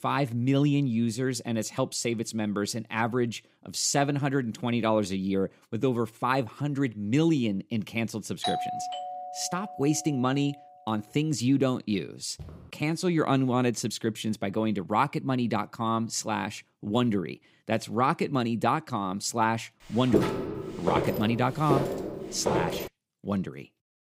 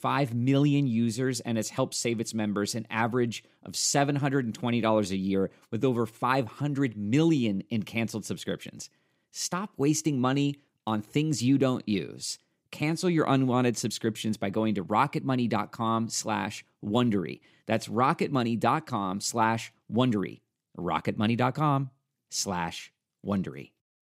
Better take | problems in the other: second | doorbell; noticeable; from 8.5 to 10 s; peak 2 dB below the speech // footsteps; faint; at 12 s; peak 20 dB below the speech // footsteps; loud; from 20 to 23 s; peak 1 dB above the speech

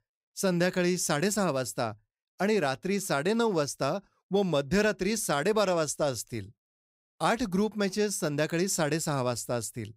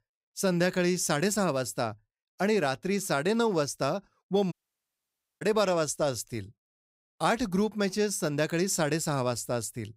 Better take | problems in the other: first | audio cutting out; at 4.5 s for 1 s

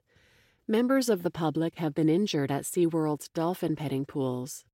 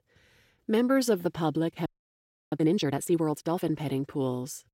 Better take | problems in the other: first | audio freezing; at 2 s for 0.5 s

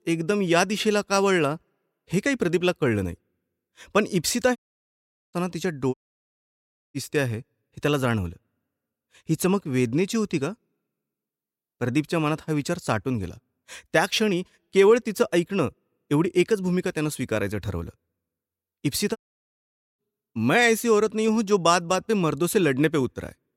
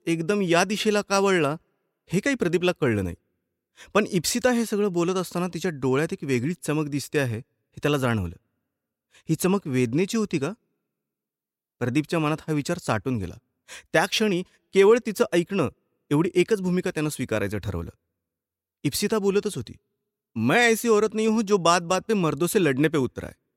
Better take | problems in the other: second | audio cutting out; at 4.5 s for 1 s, at 6 s for 1 s and at 19 s for 1 s

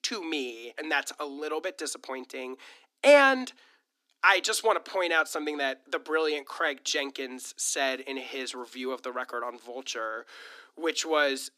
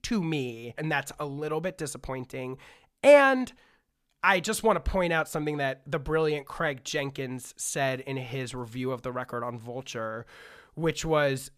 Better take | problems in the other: second | thin; very slightly; fading below 250 Hz

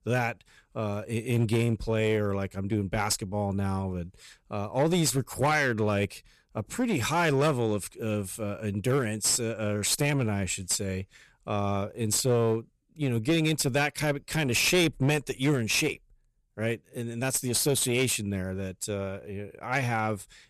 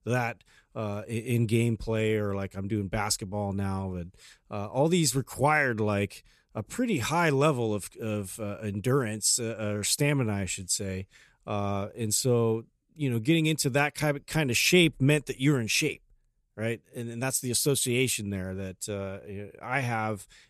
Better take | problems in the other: second | distortion; slight; 8% of the sound clipped

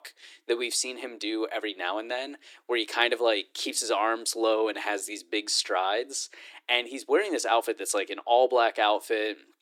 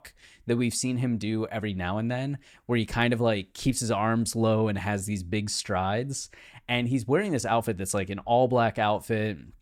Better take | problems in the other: second | thin; very; fading below 300 Hz

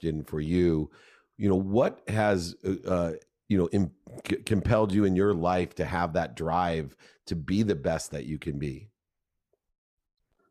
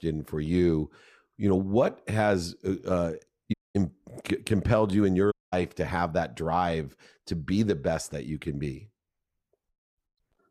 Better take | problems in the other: first | audio cutting out; at 3.5 s and at 5.5 s

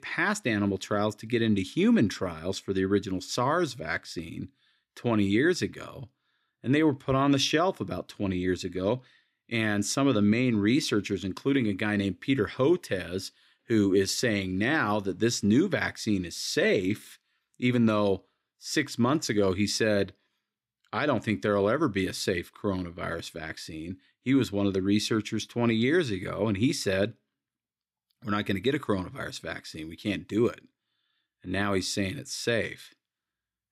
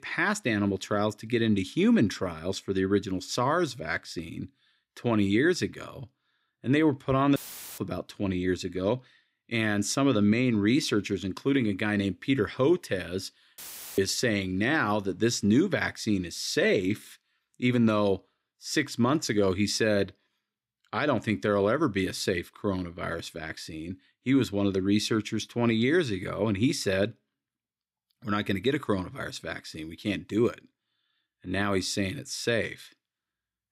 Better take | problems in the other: first | audio cutting out; filled with static; at 7.5 s and at 14 s

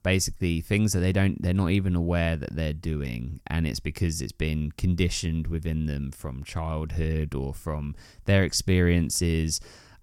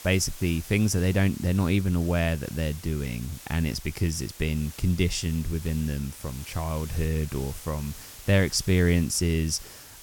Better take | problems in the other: first | hiss; noticeable; throughout; 15 dB below the speech

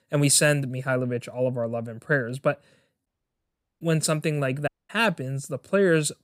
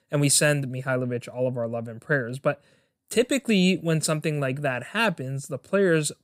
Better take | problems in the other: second | audio cutting out; at 3 s for 1 s and at 4.5 s

